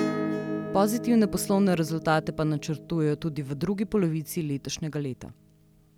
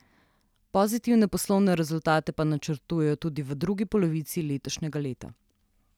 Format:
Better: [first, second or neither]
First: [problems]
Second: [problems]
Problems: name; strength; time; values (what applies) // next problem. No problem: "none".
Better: second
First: background sound (Acoustic guitar / Strum); 9 dB below the speech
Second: none